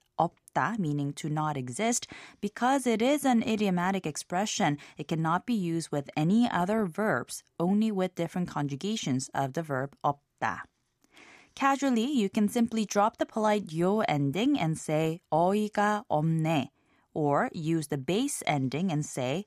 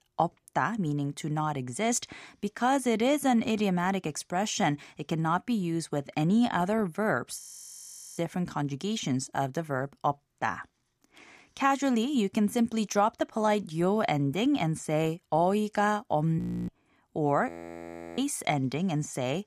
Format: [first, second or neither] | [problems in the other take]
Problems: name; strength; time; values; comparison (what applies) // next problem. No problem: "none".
first | audio freezing; at 7.5 s for 1 s, at 16 s and at 17 s for 0.5 s